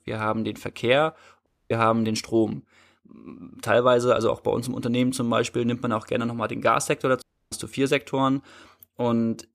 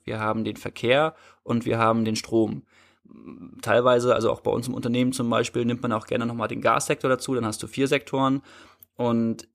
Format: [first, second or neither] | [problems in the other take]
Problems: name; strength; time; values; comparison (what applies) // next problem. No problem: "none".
second | audio cutting out; at 1.5 s and at 7 s